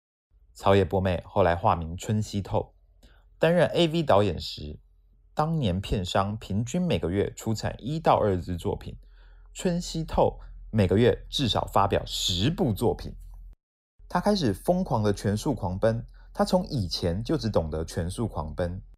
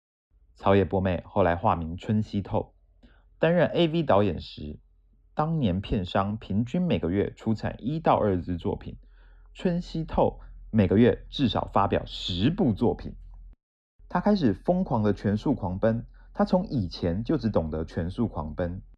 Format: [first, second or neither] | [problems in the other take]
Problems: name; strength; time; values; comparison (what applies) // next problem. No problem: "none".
first | muffled; slightly; fading above 2.5 kHz